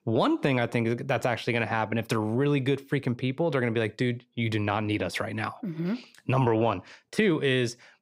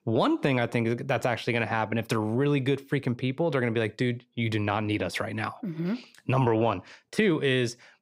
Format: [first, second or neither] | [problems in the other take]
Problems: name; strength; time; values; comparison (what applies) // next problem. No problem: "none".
neither | none